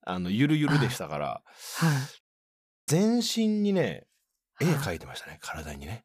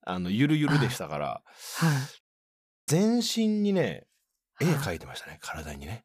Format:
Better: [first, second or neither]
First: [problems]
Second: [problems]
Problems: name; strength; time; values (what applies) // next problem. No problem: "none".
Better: neither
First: audio cutting out; at 2 s for 0.5 s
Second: audio cutting out; at 2 s for 0.5 s